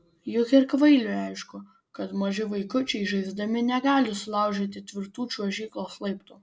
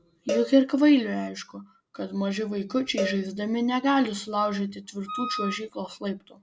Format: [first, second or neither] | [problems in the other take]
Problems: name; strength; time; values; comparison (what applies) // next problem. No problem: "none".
first | background sound (Cowbell + Wind instrument, woodwind instrument); 10 dB below the speech